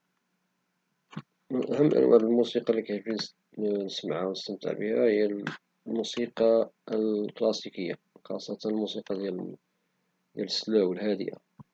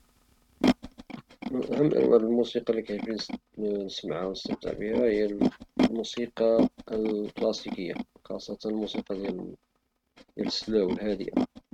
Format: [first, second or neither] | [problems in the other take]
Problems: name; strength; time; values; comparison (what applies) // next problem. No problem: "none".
first | noise reduction (neural mask model RNNoise)